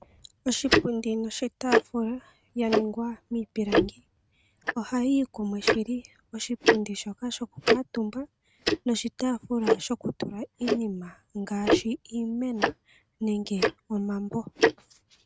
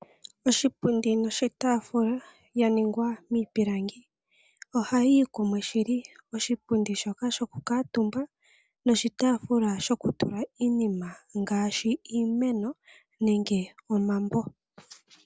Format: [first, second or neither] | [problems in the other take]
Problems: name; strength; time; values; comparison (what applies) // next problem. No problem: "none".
second | noise reduction (neural mask model RNNoise)